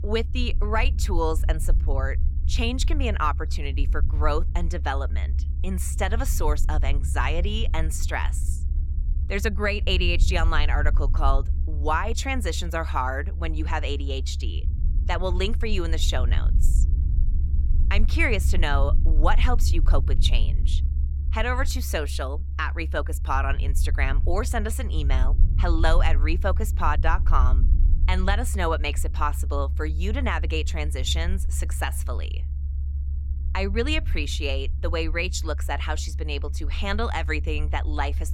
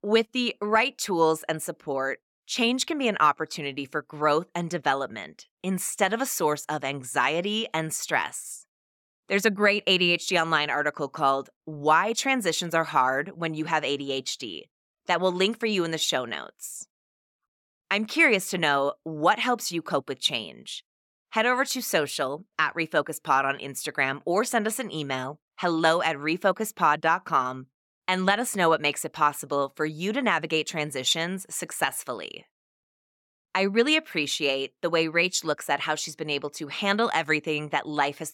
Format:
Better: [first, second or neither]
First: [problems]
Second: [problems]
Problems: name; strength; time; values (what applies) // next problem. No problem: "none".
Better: second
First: low rumble; noticeable; throughout; 15 dB below the speech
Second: none